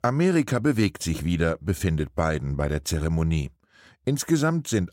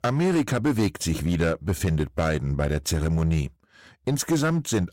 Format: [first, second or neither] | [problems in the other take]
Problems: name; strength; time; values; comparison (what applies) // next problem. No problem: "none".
first | distortion; slight; 9% of the sound clipped